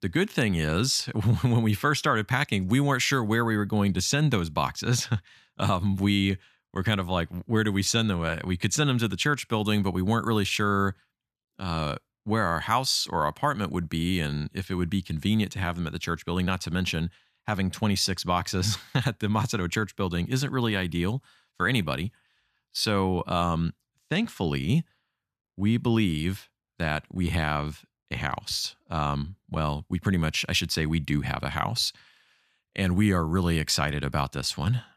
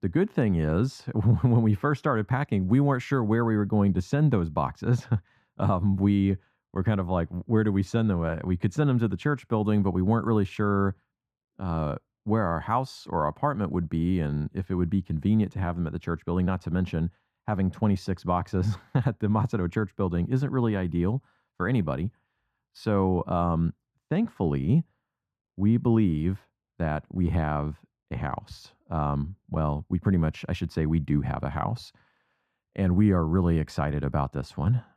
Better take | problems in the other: first | muffled; very; fading above 2 kHz

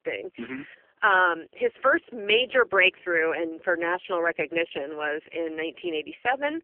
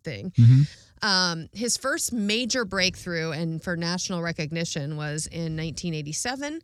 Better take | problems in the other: second | phone-call audio; poor line; nothing above 3 kHz

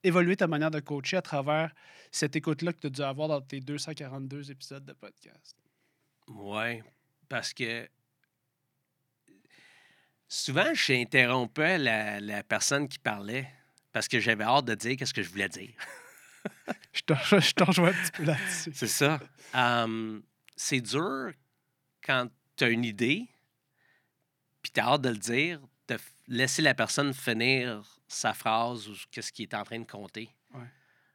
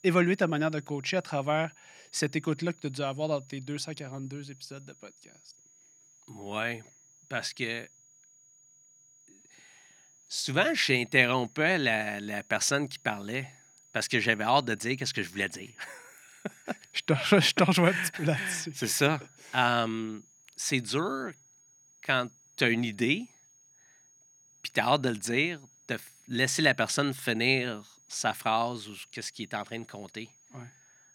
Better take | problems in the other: first | high-pitched whine; faint; throughout; 6.5 kHz, 30 dB below the speech

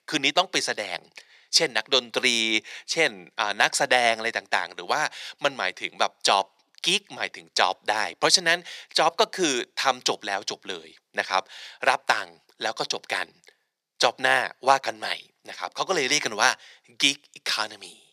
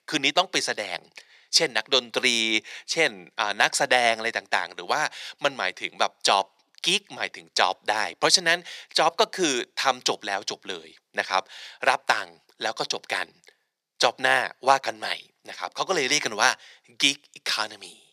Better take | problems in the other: neither | thin; very; fading below 600 Hz; the same in both

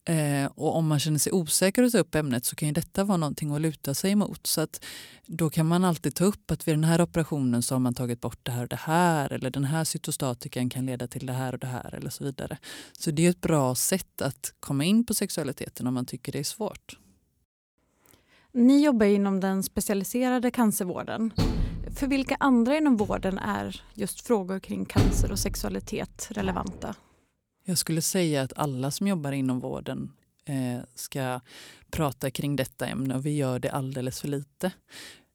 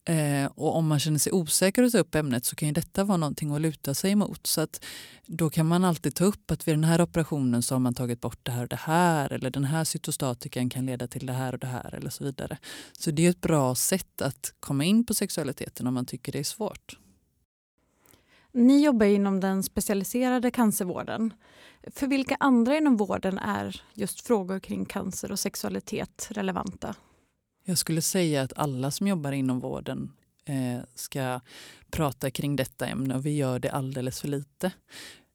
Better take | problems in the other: second | door banging; loud; from 21 to 27 s; peak 2 dB above the speech

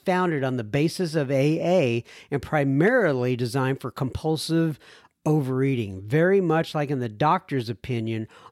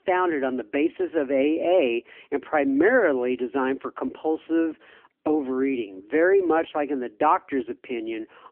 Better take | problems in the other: first | phone-call audio; nothing above 3 kHz

